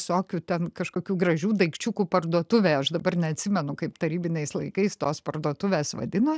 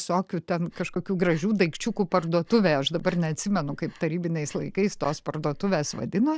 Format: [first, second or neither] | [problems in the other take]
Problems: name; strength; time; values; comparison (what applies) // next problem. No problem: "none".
first | background sound (Breathing); 20 dB below the speech